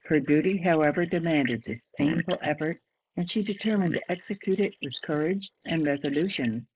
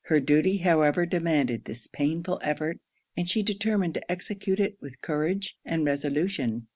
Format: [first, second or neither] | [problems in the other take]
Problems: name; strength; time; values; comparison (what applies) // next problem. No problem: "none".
second | noise reduction (neural mask model Resemble Enhance denoiser)